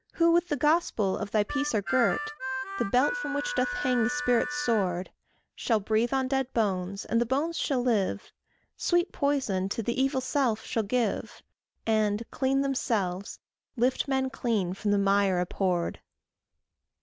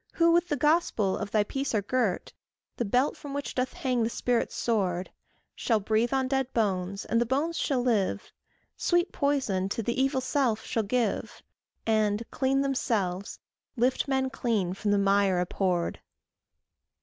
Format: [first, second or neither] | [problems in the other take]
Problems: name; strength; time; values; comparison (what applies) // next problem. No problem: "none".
second | background sound (Harmonica); 6 dB below the speech